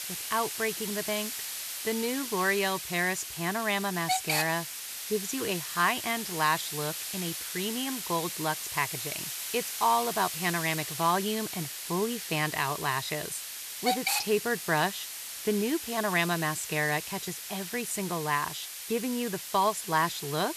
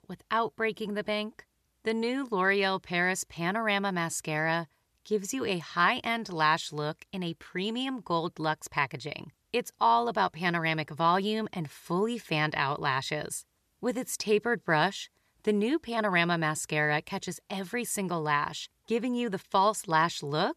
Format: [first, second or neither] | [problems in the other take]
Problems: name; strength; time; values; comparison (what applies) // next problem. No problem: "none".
second | hiss; loud; throughout; 4 dB below the speech